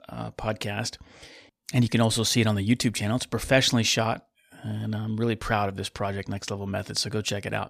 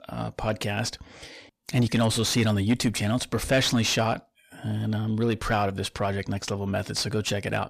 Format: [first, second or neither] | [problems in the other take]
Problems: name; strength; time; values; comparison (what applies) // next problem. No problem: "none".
first | distortion; slight; 10 dB below the speech